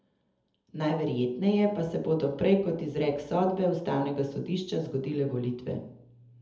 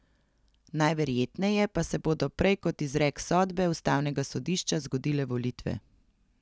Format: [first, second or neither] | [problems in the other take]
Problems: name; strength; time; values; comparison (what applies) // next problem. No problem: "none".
second | room echo; dies away in 0.7 s